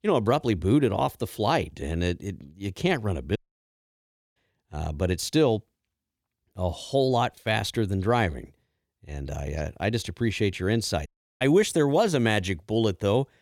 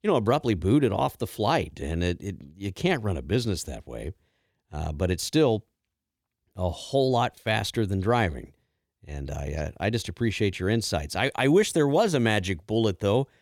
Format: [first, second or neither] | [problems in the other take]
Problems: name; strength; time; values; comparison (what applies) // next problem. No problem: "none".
second | audio cutting out; at 3.5 s for 1 s and at 11 s